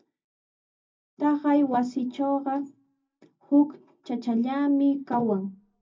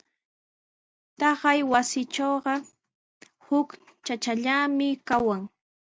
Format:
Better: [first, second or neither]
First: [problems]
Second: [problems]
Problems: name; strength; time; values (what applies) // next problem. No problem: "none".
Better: second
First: room echo; dies away in 0.4 s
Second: none